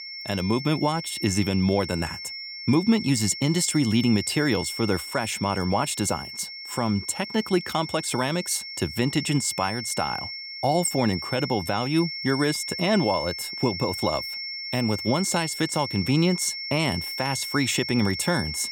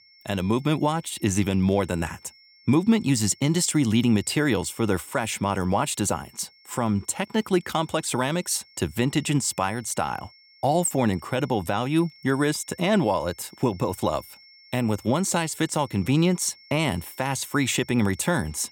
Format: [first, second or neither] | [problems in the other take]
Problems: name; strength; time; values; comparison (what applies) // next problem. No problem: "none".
second | high-pitched whine; loud; throughout; 5.5 kHz, 7 dB below the speech; faint in the second